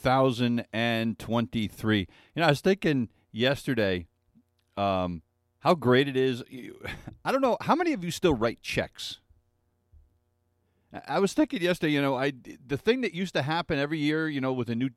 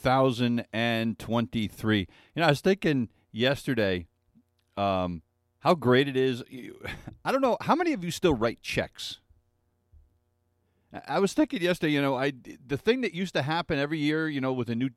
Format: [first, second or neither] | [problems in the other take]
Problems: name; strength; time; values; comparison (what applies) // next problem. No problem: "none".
neither | none